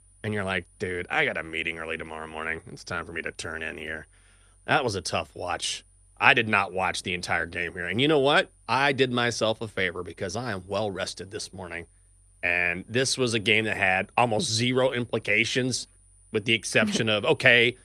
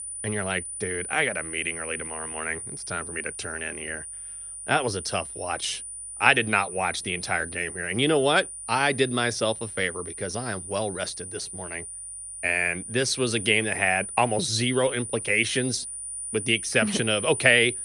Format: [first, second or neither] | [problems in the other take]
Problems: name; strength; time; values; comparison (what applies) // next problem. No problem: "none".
first | high-pitched whine; loud; throughout; 9.5 kHz, 8 dB below the speech; faint in the first